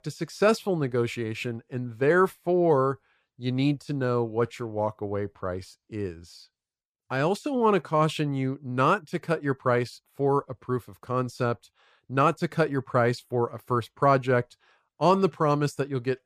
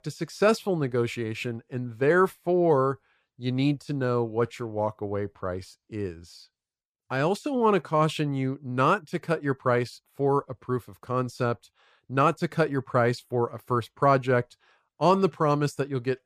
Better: neither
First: none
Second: none

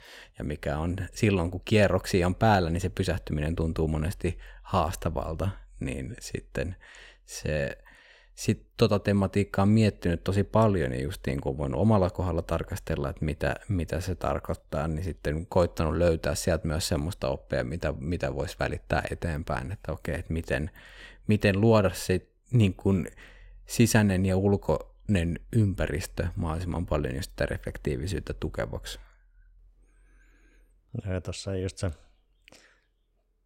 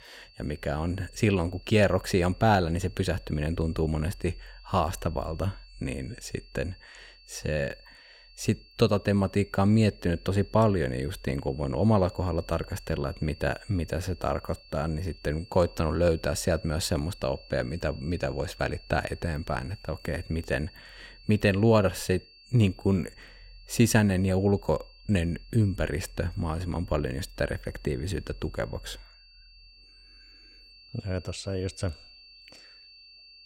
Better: first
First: none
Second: high-pitched whine; faint; throughout; 4.5 kHz, 25 dB below the speech

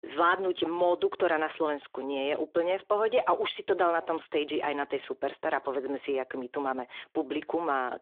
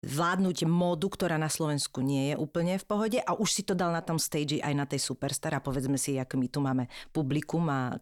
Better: second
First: phone-call audio; nothing above 3.5 kHz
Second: none

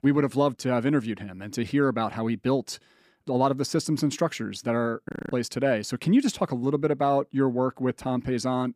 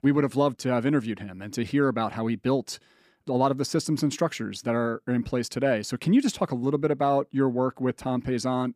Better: second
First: audio freezing; at 5 s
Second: none

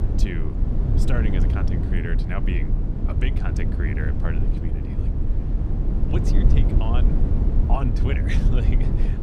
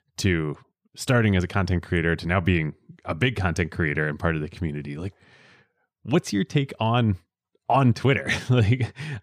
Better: second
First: low rumble; loud; throughout; 1 dB below the speech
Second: none

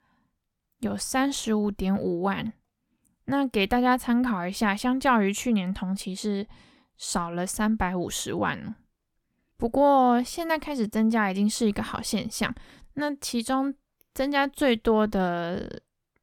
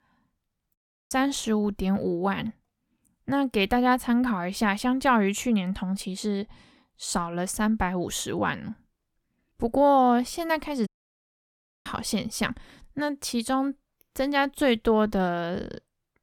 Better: first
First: none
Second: audio cutting out; at 1 s and at 11 s for 1 s

